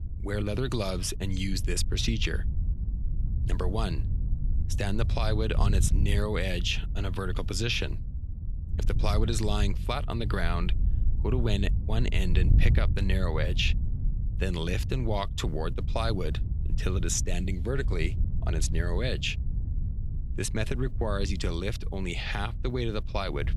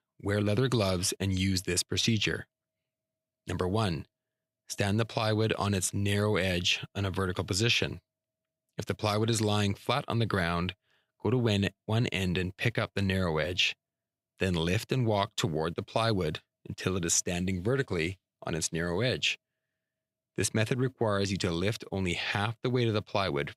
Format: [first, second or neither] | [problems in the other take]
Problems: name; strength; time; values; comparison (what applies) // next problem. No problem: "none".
second | wind noise on the microphone; occasional gusts; 15 dB below the speech